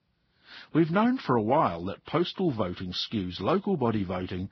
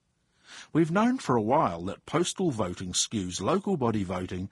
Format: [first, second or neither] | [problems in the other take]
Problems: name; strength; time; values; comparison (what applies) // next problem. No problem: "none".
second | garbled, watery; badly; nothing above 5.5 kHz; slightly in the second